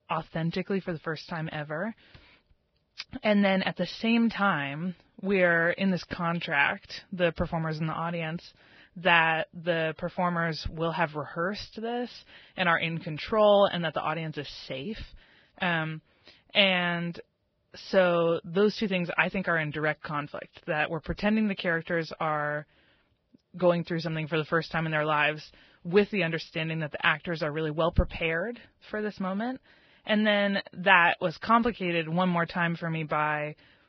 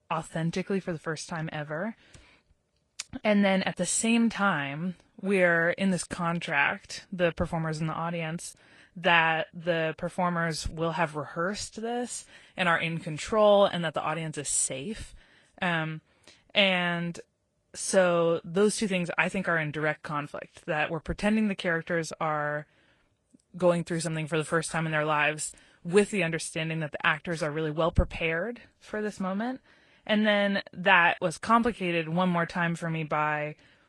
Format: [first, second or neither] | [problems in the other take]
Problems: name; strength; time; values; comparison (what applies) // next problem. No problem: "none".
second | garbled, watery; badly; nothing above 5.5 kHz; slightly in the second